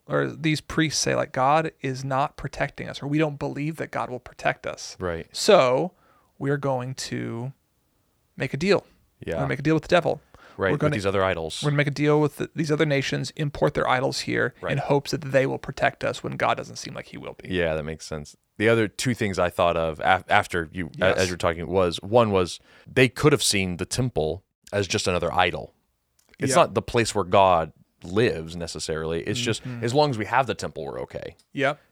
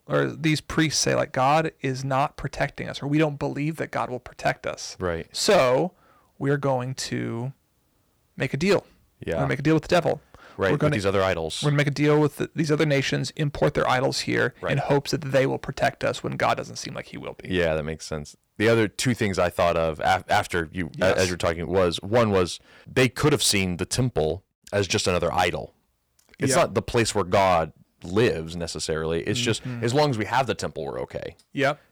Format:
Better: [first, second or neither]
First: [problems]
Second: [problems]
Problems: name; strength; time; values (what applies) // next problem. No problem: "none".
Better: first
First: none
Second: distortion; slight; 3% of the sound clipped